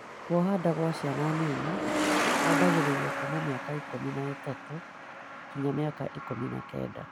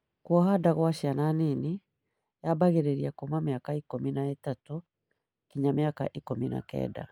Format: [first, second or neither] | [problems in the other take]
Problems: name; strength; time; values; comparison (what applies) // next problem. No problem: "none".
second | background sound (Truck); 1 dB below the speech